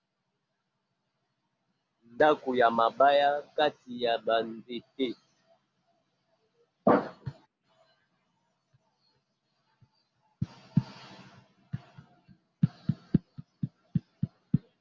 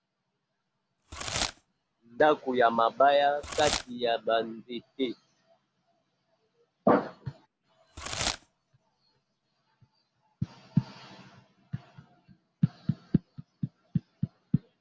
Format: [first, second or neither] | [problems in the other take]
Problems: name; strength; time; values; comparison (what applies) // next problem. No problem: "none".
first | background sound (Packing tape, duct tape / Tearing); 8 dB below the speech